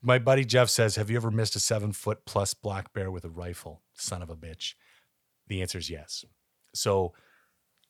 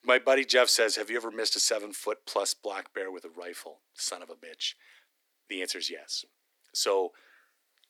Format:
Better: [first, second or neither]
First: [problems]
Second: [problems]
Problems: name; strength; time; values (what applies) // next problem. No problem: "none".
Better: first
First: none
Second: thin; very; fading below 250 Hz